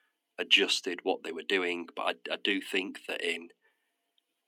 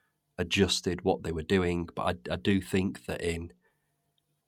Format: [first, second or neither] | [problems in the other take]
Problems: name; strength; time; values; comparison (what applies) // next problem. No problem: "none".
second | thin; somewhat; fading below 250 Hz